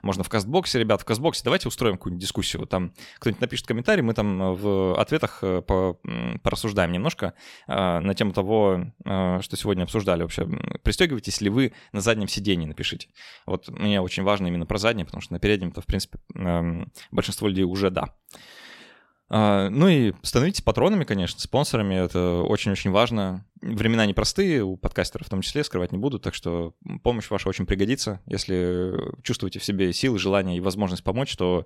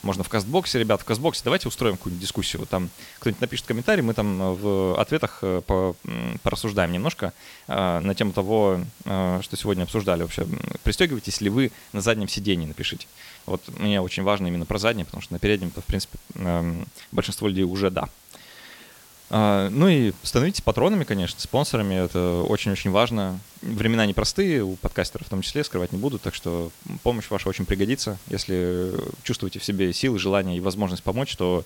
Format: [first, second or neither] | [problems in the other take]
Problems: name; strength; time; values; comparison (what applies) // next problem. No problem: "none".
first | hiss; faint; throughout; 20 dB below the speech